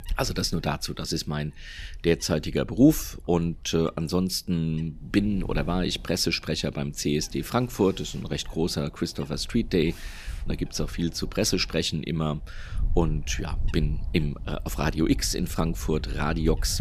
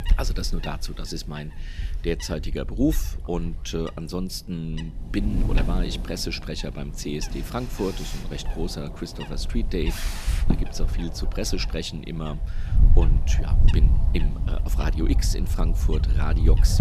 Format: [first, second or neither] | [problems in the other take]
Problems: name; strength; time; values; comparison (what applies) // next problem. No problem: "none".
first | wind noise on the microphone; heavy; 7 dB below the speech; occasional gusts in the first